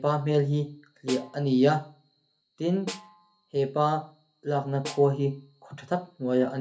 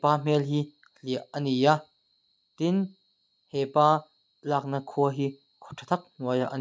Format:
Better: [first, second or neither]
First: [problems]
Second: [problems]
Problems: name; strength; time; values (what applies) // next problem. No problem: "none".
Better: second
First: background sound (Snare drum); 17 dB below the speech // room echo; dies away in 0.3 s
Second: none